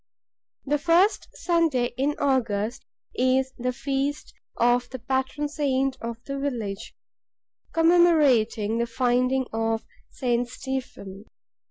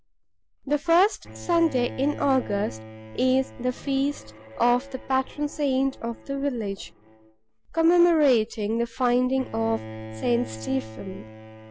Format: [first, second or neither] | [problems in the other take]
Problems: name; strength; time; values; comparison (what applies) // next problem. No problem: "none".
first | background sound (Bowed string instrument); 16 dB below the speech